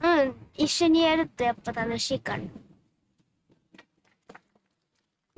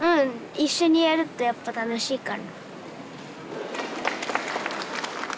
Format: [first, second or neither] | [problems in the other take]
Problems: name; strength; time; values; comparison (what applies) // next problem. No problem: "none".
second | noise reduction (neural mask model RNNoise)